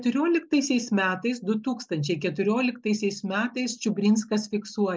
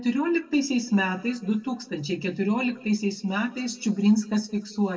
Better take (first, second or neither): first